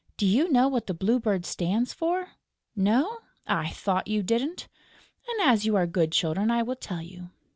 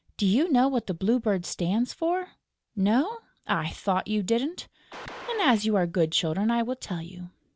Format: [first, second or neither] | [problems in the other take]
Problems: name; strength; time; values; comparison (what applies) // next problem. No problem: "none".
first | background sound (Gunshot, gunfire); 15 dB below the speech